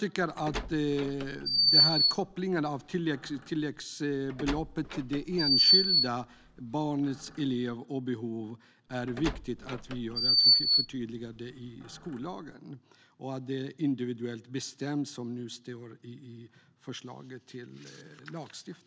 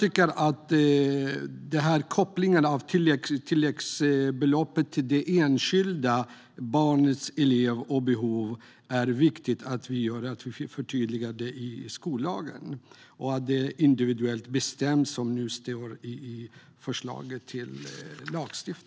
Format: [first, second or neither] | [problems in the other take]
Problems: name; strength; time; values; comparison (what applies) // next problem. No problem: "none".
second | background sound (Door); 4 dB above the speech